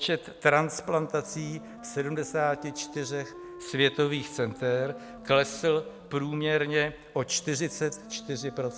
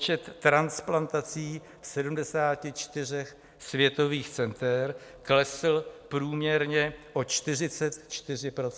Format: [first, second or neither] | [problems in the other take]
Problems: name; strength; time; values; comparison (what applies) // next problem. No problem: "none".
second | background sound (Wind instrument, woodwind instrument); 18 dB below the speech